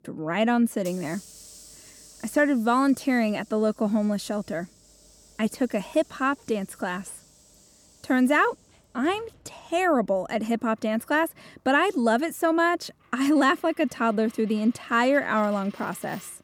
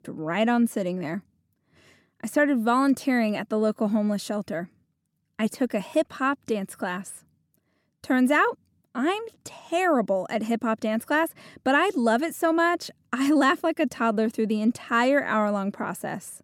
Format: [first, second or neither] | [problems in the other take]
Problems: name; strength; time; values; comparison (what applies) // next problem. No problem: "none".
second | household noises; faint; throughout; 25 dB below the speech